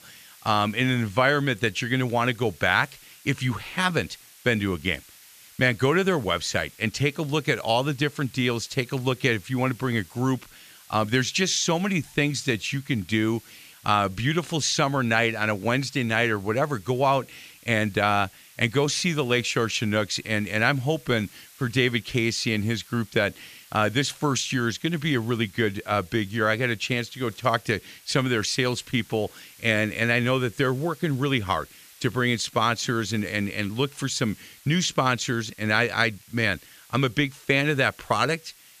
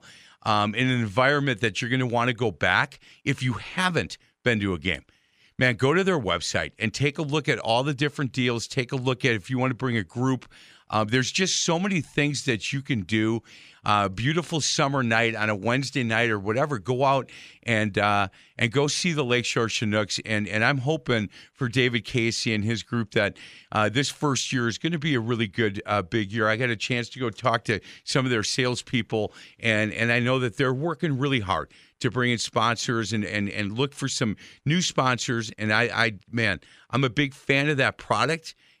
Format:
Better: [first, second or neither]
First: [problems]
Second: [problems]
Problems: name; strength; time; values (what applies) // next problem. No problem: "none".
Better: second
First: hiss; faint; throughout; 25 dB below the speech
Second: none